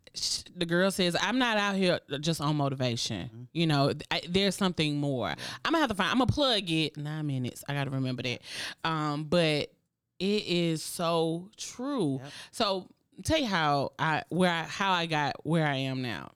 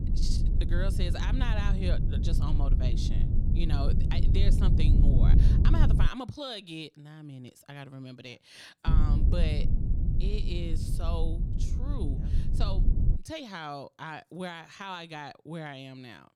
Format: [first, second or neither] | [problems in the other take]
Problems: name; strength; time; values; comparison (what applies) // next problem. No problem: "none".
first | low rumble; loud; until 6 s and from 9 to 13 s; 3 dB below the speech